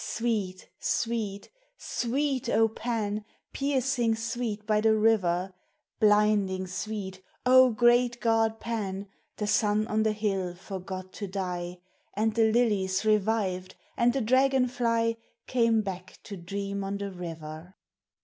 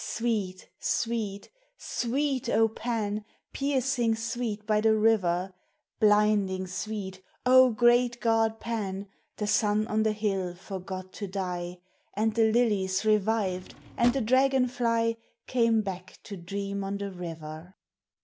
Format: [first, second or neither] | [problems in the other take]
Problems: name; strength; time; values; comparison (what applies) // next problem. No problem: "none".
first | background sound (Drawer open or close); 14 dB below the speech